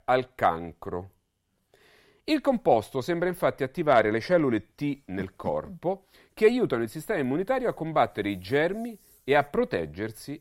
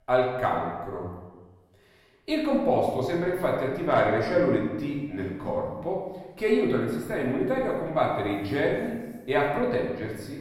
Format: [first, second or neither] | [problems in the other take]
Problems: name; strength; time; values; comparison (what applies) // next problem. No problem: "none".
first | room echo; noticeable; dies away in 1 s // off-mic speech; far